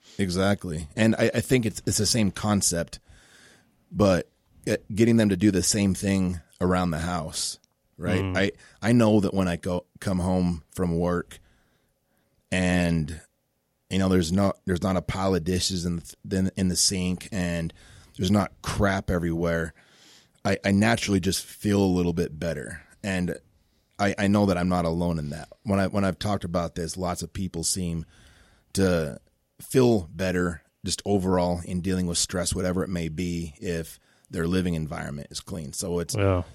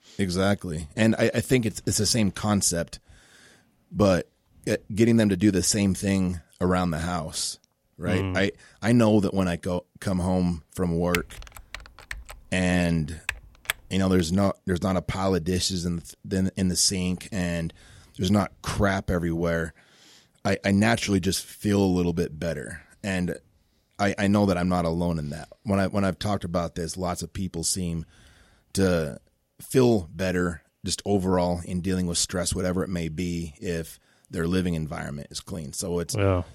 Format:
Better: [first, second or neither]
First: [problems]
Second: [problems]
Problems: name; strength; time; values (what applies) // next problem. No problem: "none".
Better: first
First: none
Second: keyboard typing; noticeable; from 11 to 14 s; peak 6 dB below the speech